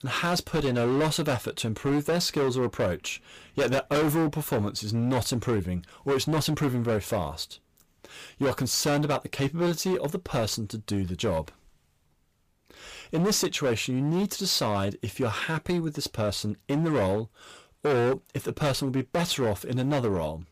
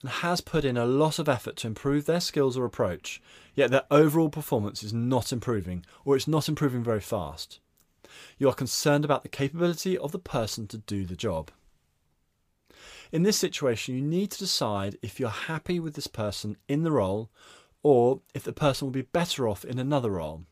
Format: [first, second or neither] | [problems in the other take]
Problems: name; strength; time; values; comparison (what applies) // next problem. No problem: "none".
second | distortion; heavy; 14% of the sound clipped